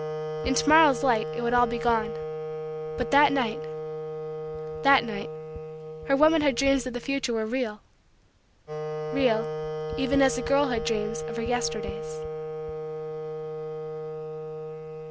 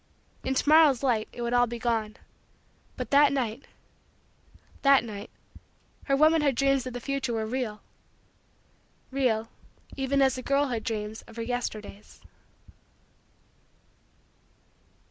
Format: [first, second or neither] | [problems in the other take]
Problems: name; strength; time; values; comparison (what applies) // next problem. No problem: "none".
second | background sound (Wind instrument, woodwind instrument); 6 dB below the speech